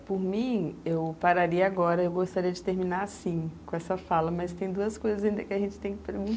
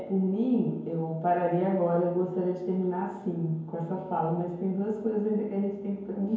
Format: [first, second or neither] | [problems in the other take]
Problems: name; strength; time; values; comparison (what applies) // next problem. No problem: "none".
first | room echo; dies away in 1 s